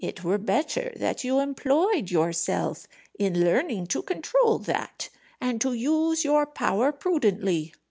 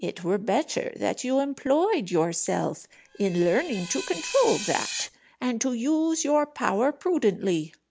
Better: first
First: none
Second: background sound (Screech); 11 dB below the speech

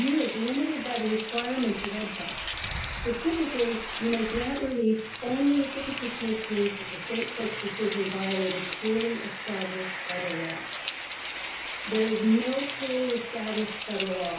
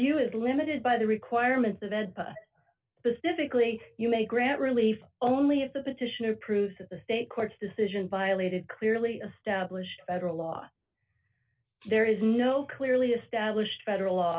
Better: second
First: background sound (Rain); 6 dB below the speech // room echo; dies away in 0.6 s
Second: none

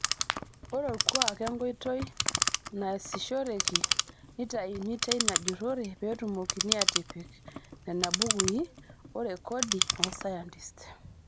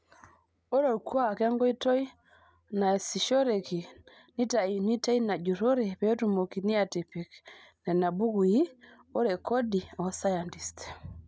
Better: second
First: background sound (Clock); 2 dB above the speech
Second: none

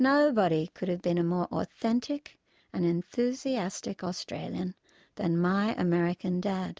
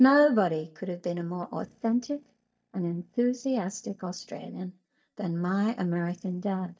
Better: first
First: none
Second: noise reduction (neural mask model DeepFilterNet 3)

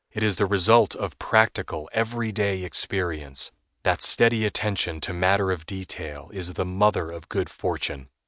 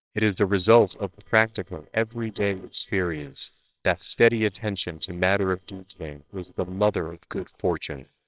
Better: first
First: none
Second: noise reduction (neural separator model SepFormer WHAMR!)

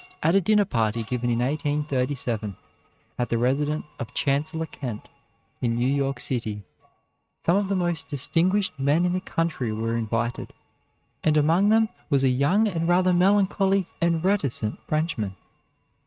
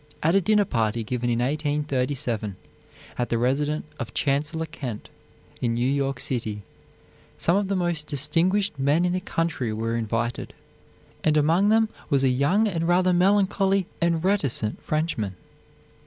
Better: second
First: noise reduction (neural mask model RNNoise)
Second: none

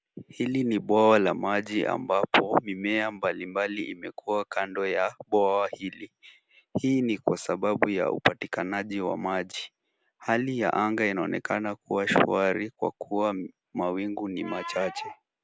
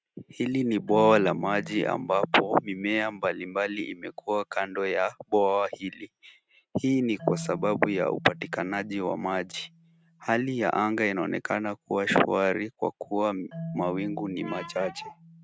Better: first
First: none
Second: noise reduction (neural mask model RNNoise)

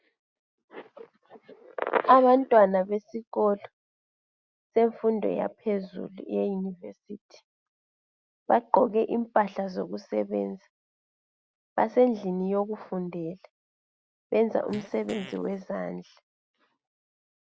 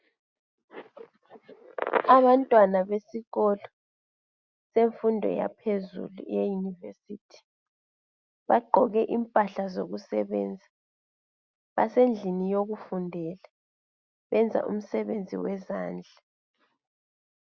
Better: second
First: background sound (Fart); 17 dB below the speech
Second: none

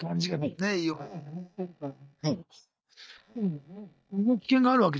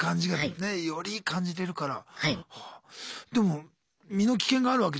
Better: second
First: noise reduction (neural mask model DeepFilterNet 3)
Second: none

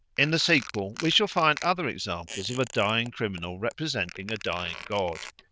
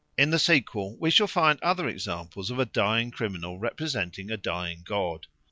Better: second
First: noise reduction (neural diffusion model UNIVERSE++)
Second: none

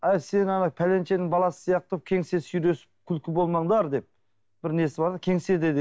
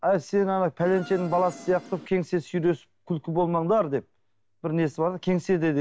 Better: first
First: none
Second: background sound (Insect); 17 dB below the speech

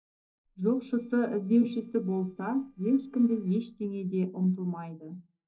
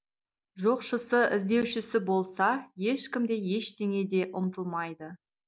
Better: second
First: noise reduction (neural separator model SepFormer DNS4)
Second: none

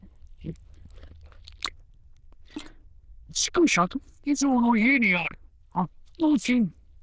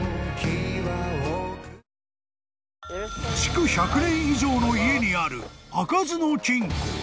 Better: second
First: noise reduction (neural diffusion model UNIVERSE++)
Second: none

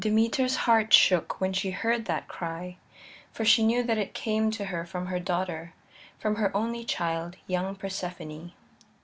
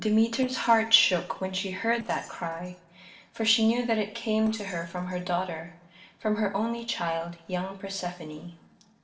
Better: first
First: none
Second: noise reduction (neural separator model SepFormer DNS4)

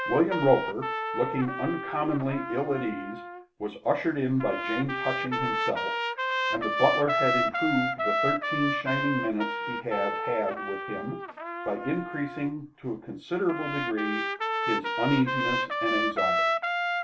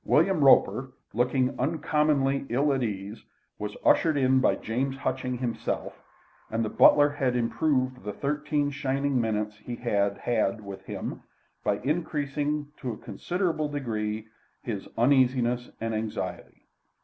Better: second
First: background sound (Trumpet); 1 dB below the speech // room echo; dies away in 0.2 s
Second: none

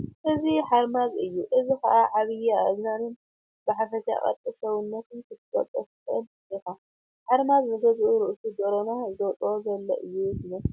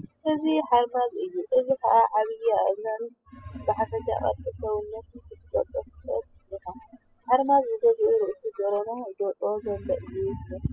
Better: first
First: none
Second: noise reduction (classical method spectral subtraction)

